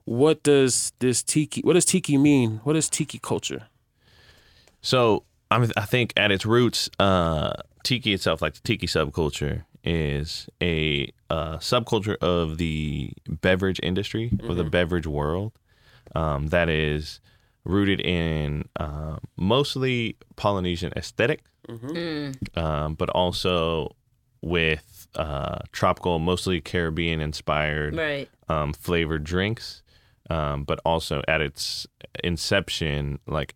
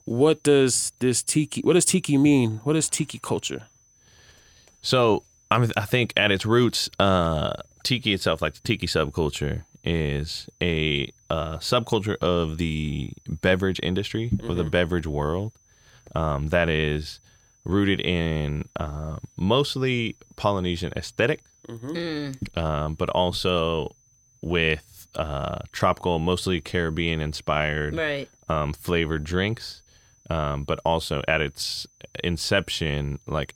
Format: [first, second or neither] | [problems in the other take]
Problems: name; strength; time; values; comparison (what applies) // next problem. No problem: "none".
first | high-pitched whine; faint; throughout; 6 kHz, 35 dB below the speech